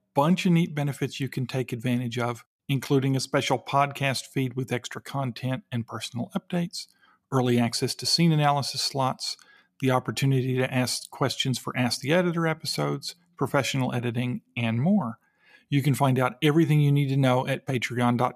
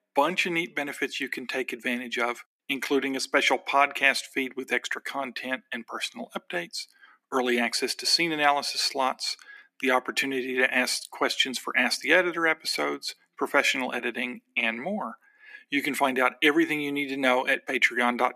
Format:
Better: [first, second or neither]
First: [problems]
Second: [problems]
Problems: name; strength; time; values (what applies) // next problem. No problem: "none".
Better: first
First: none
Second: thin; somewhat; fading below 250 Hz